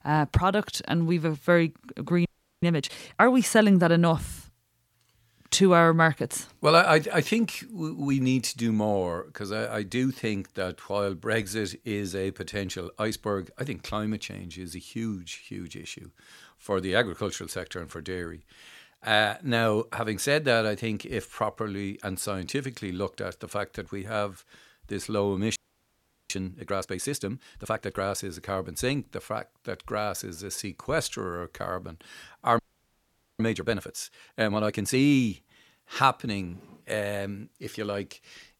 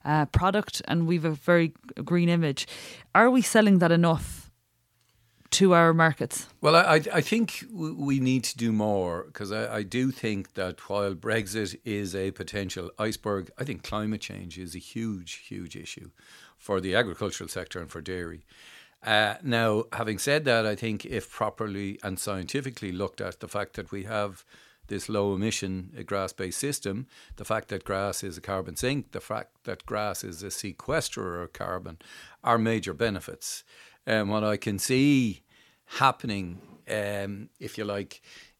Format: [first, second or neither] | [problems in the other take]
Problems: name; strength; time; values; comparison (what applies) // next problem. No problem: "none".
second | audio freezing; at 2.5 s, at 26 s for 0.5 s and at 33 s for 1 s